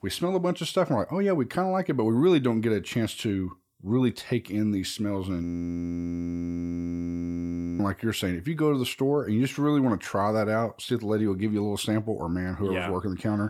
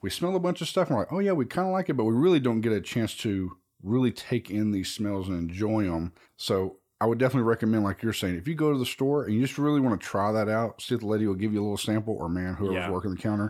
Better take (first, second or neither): second